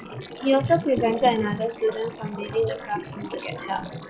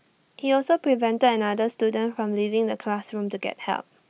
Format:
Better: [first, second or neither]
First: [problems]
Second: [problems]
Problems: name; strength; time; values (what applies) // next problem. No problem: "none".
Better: second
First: noise reduction (classical method log-MMSE)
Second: none